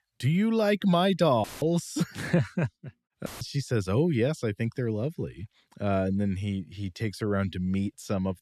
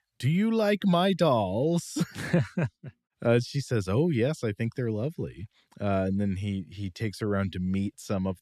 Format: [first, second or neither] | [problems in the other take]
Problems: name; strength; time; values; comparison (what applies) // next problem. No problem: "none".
second | audio cutting out; filled with static; at 1.5 s and at 3.5 s